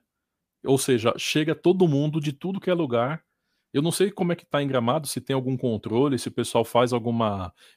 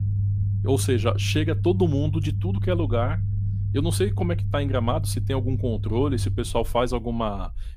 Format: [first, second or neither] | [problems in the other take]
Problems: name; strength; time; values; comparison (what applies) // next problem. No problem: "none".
first | low rumble; noticeable; throughout; 15 dB below the speech